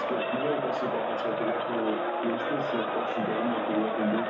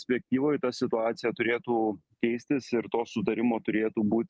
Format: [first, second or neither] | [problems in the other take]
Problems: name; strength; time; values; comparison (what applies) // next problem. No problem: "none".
second | background sound (Crowd); 3 dB above the speech // room echo; dies away in 0.6 s